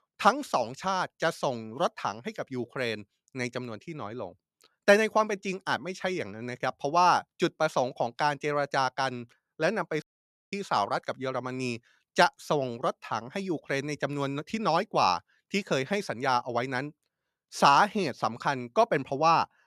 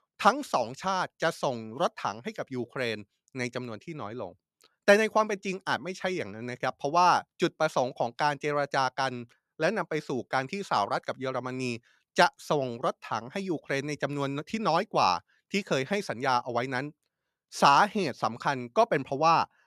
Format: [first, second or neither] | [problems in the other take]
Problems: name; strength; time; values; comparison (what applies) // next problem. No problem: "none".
second | audio cutting out; at 10 s for 0.5 s